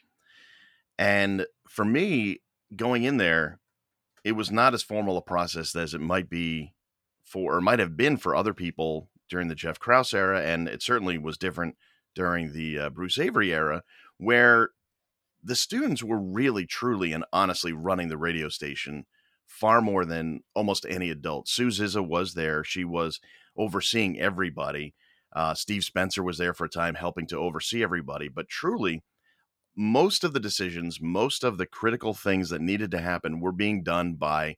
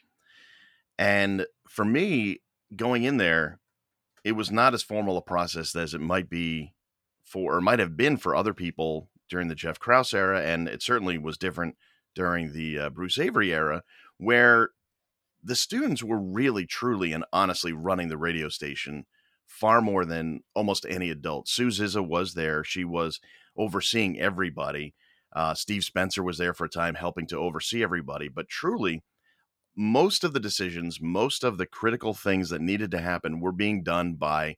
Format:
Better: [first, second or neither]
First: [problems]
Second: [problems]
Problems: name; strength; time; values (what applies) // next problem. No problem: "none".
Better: neither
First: none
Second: none